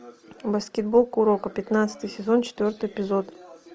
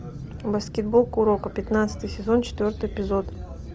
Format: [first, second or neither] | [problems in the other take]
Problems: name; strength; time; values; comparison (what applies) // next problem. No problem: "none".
first | background sound (Aircraft); 11 dB below the speech